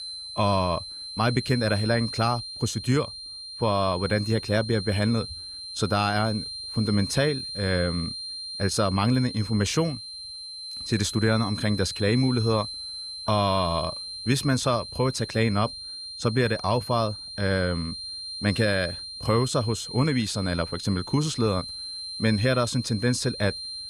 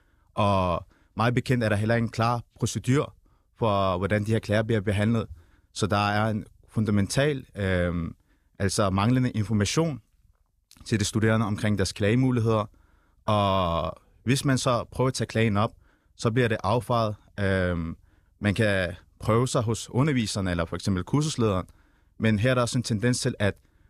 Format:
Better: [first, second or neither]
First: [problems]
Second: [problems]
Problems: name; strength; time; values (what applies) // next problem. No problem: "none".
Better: second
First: high-pitched whine; loud; throughout; 4 kHz, 8 dB below the speech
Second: none